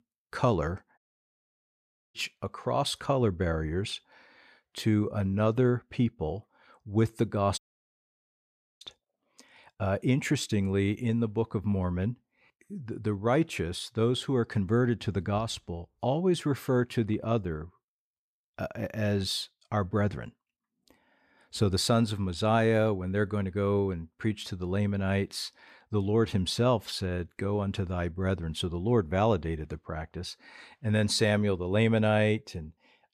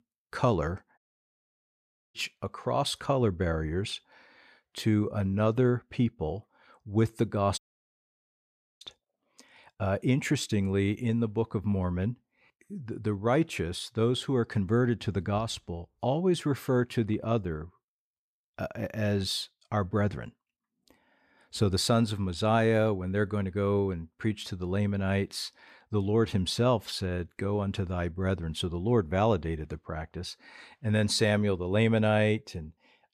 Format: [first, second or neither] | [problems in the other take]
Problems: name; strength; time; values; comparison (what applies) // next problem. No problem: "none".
neither | audio cutting out; at 1 s for 1 s and at 7.5 s for 1 s; the same in both